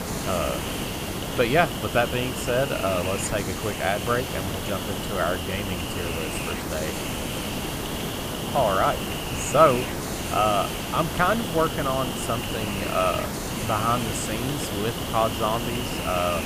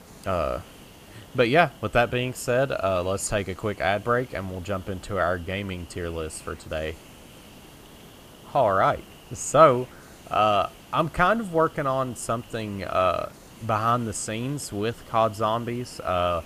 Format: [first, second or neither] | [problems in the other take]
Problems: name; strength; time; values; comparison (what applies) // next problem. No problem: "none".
second | hiss; loud; throughout; 3 dB below the speech; faint in the second